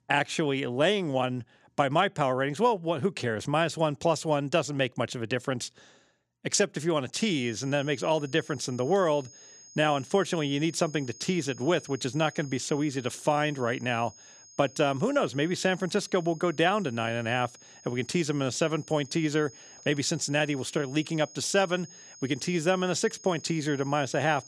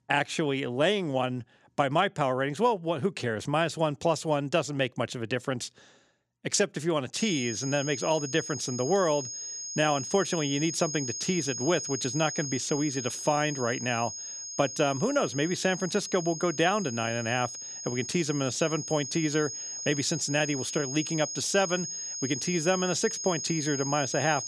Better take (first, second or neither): first